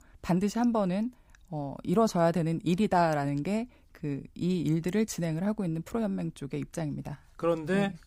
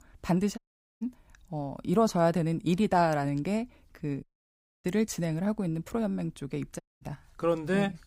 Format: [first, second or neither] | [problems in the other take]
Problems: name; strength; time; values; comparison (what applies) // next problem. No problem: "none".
first | audio cutting out; at 0.5 s, at 4 s for 0.5 s and at 7 s